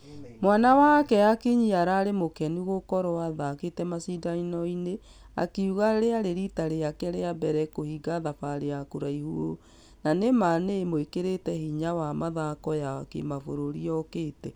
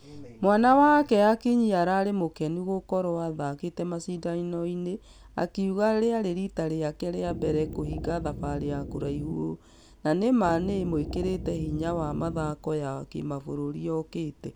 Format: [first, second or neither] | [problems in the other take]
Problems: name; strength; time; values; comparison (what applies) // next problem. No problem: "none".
first | background sound (Wind instrument, woodwind instrument); 9 dB below the speech